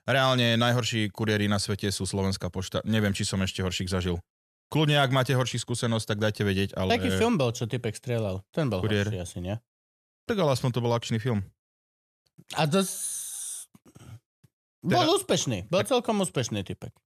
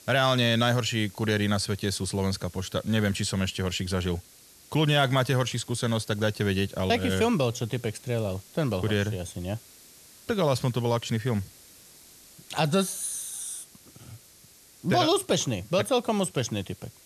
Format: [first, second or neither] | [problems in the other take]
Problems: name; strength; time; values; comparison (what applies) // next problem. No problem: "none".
first | hiss; faint; throughout; 25 dB below the speech